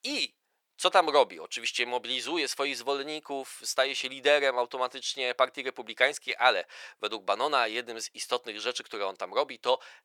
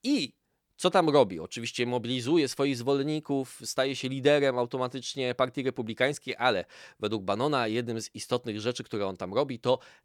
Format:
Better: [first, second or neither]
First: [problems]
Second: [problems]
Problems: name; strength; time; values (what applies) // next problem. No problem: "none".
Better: second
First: thin; very; fading below 700 Hz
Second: none